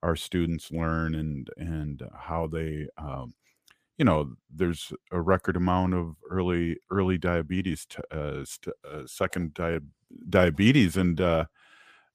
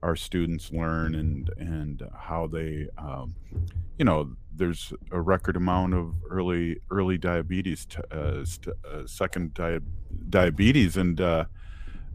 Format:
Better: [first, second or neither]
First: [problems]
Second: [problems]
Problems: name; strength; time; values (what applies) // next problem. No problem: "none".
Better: first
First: none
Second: low rumble; faint; throughout; 25 dB below the speech